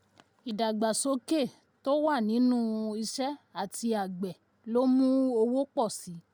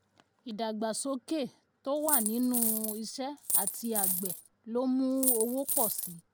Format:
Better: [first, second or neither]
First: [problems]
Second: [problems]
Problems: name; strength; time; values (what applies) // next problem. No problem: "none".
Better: first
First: none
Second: background sound (Coin (dropping)); 2 dB above the speech